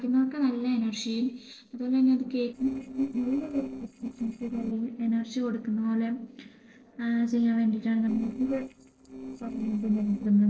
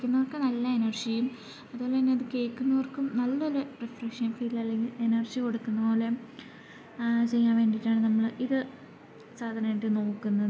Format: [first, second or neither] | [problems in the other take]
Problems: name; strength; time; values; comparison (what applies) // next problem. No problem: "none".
second | noise reduction (neural separator model SepFormer DNS4)